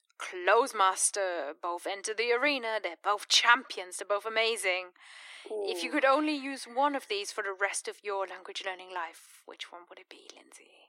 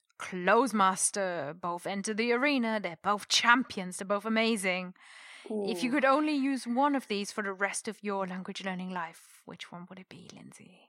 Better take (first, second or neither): second